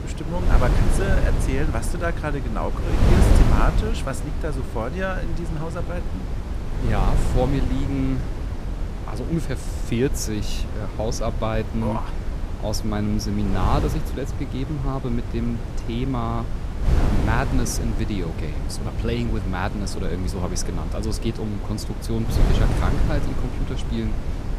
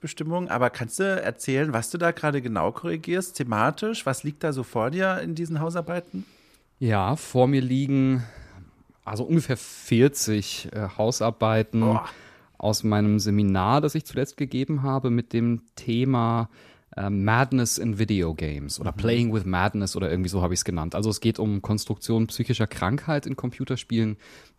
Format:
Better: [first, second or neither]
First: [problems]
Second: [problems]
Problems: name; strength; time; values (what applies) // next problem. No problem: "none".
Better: second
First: wind noise on the microphone; heavy; 5 dB below the speech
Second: none